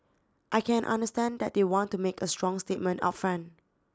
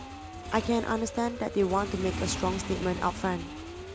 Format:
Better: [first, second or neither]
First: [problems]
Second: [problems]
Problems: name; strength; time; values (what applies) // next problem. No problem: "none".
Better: first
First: none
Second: background sound (Motorcycle / Engine + Siren); 7 dB below the speech